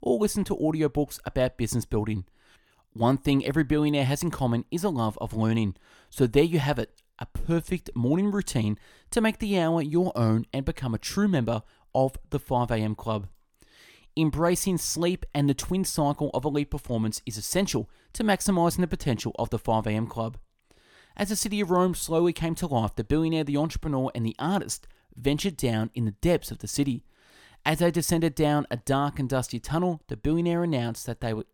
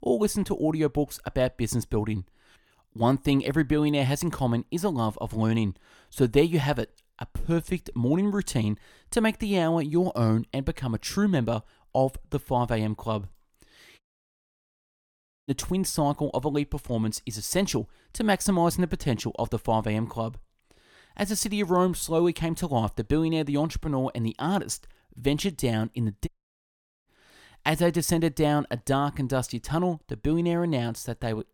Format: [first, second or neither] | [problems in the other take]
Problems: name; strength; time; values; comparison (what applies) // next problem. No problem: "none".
first | audio cutting out; at 14 s for 1.5 s and at 26 s for 1 s